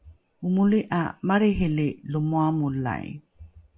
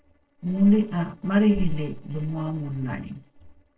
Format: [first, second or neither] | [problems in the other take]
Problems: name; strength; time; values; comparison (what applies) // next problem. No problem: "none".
first | noise reduction (neural separator model SepFormer DNS4)